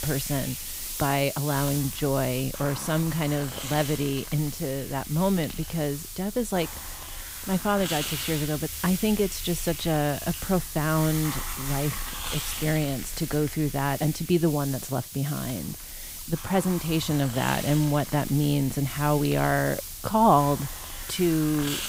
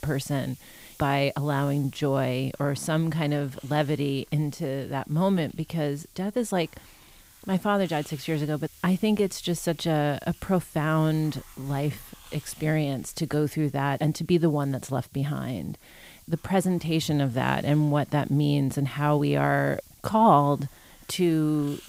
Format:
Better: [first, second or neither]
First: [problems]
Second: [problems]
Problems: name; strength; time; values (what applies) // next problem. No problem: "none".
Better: second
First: hiss; loud; throughout; 7 dB below the speech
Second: hiss; faint; throughout; 25 dB below the speech